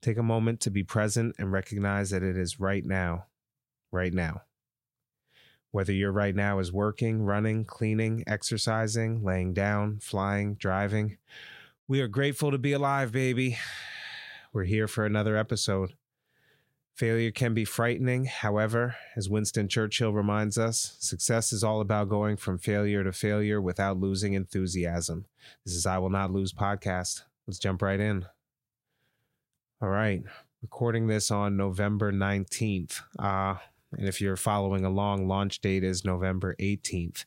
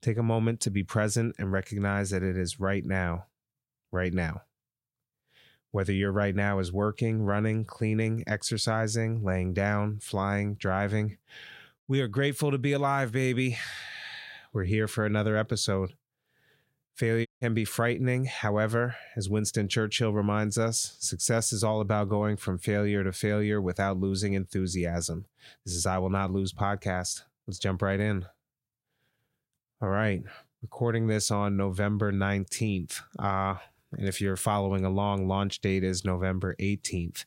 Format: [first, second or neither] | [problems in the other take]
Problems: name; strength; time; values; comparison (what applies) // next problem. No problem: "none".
first | audio cutting out; at 17 s